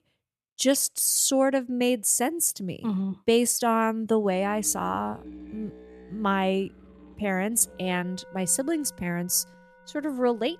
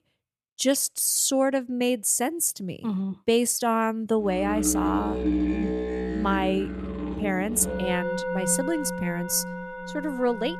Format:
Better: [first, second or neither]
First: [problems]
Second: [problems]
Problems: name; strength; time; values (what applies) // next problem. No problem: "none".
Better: first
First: background music; faint; from 4.5 s on; 25 dB below the speech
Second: background music; loud; from 4.5 s on; 4 dB below the speech